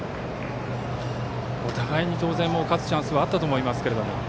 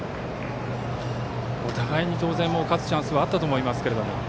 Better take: first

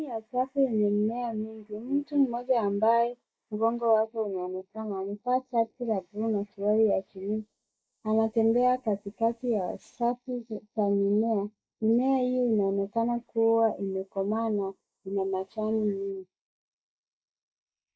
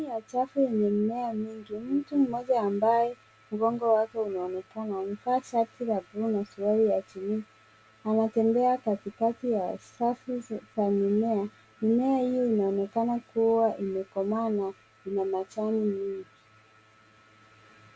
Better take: second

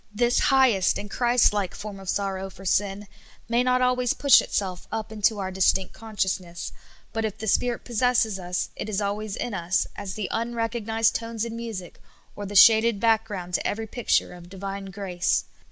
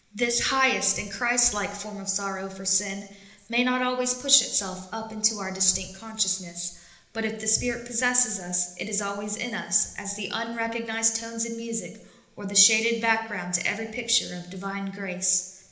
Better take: first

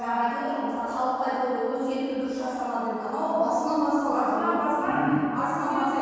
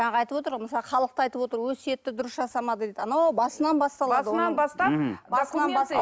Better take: second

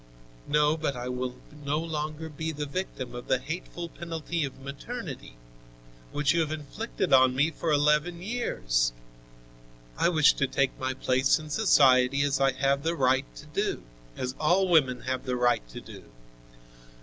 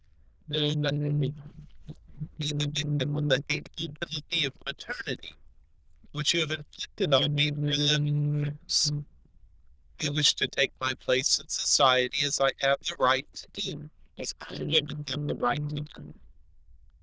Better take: first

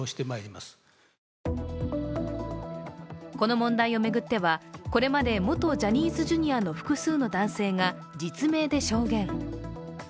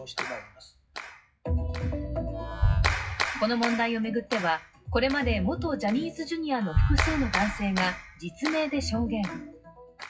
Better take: first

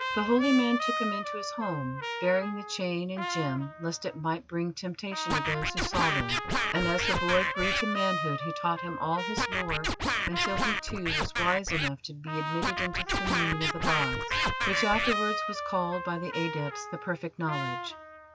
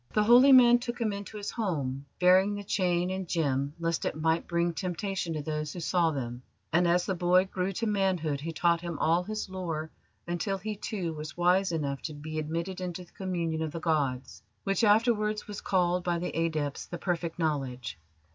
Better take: second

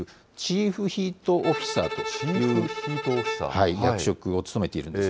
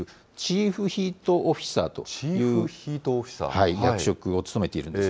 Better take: second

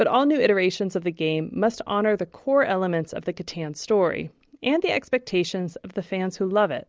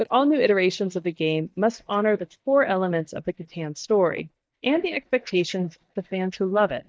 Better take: first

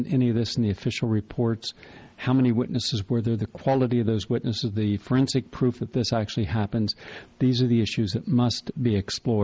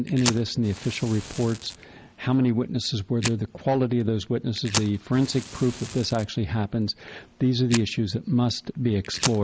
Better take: first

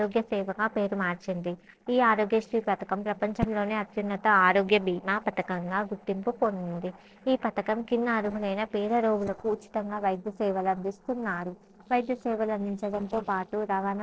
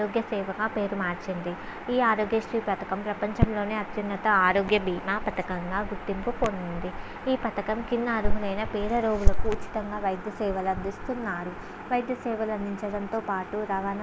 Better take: second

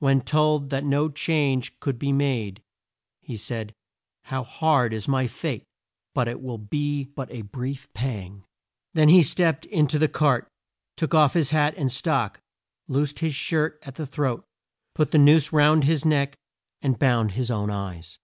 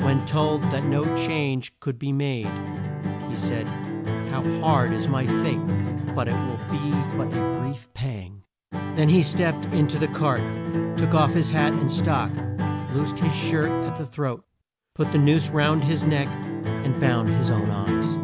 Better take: first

